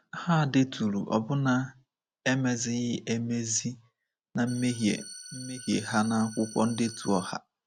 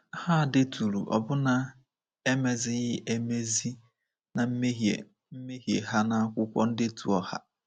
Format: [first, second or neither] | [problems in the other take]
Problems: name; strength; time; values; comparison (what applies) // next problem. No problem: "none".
second | background sound (Organ); 15 dB below the speech